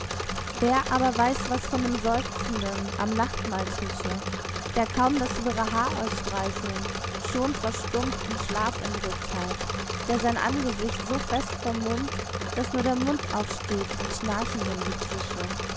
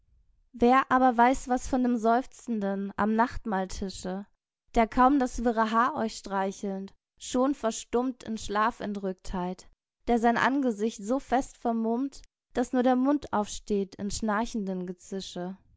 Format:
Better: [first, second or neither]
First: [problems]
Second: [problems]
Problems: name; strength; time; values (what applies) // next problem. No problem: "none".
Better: second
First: background sound (Engine / Mechanisms); 2 dB below the speech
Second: none